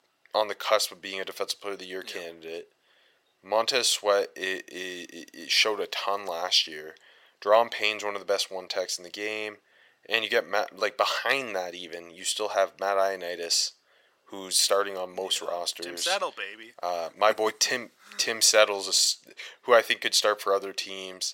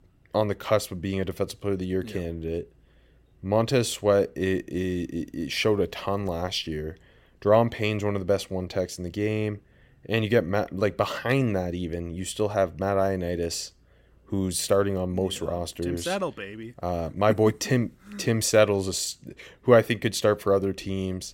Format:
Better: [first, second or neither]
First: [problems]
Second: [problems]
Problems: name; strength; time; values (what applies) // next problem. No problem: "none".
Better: second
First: thin; very; fading below 800 Hz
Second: none